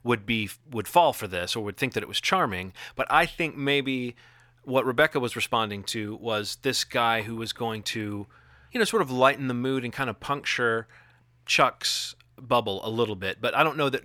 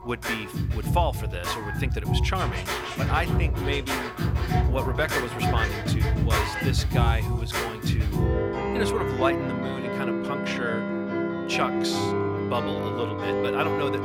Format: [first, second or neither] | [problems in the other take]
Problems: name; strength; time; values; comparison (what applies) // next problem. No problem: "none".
first | background music; very loud; throughout; 4 dB above the speech